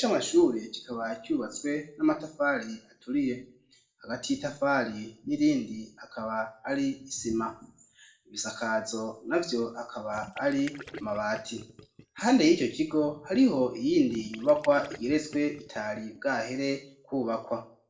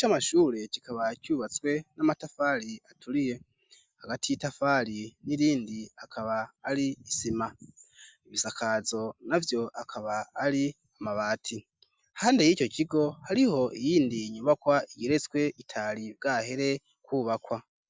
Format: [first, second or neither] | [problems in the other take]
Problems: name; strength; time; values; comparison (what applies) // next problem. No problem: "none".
second | noise reduction (neural separator model SepFormer DNS4)